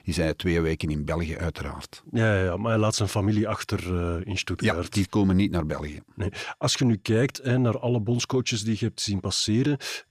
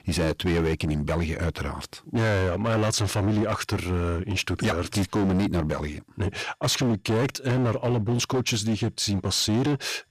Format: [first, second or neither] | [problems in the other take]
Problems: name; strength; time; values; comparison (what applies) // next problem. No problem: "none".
first | distortion; slight; 19% of the sound clipped